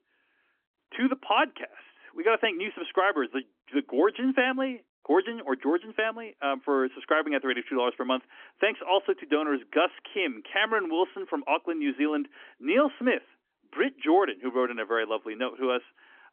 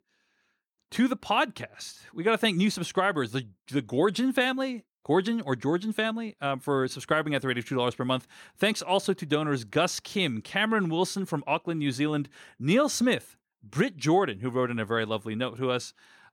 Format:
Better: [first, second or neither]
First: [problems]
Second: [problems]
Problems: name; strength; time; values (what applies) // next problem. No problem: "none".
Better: second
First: phone-call audio; nothing above 3.5 kHz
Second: none